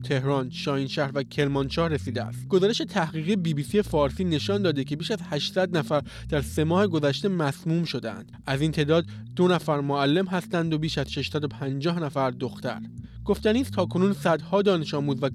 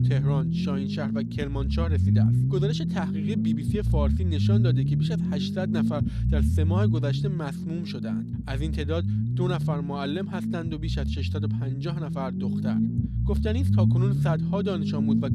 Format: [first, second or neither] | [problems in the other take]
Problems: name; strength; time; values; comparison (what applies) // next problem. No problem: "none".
first | low rumble; loud; throughout; 1 dB below the speech; faint in the first